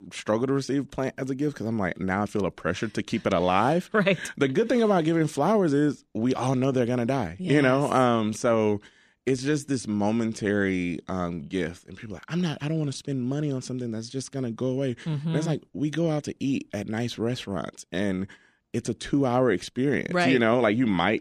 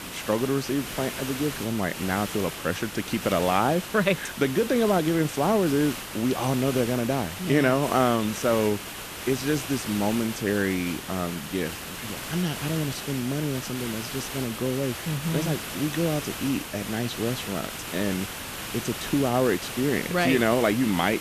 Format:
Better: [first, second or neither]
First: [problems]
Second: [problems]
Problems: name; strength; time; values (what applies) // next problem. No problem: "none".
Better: first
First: none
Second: hiss; loud; throughout; 8 dB below the speech